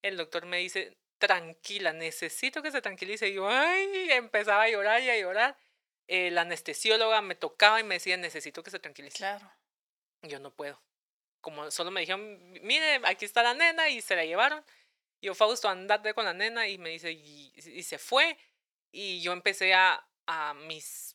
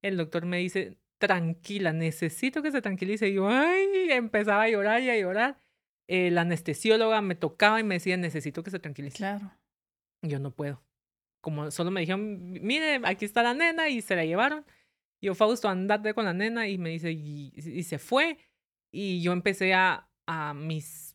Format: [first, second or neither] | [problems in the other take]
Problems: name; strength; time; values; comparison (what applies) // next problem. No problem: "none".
second | thin; very; fading below 650 Hz